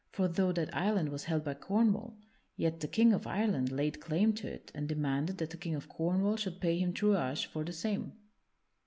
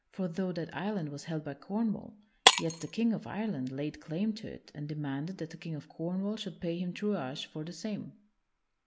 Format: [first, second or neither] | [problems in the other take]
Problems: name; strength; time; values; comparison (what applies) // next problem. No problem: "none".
first | background sound (Shatter); 2 dB above the speech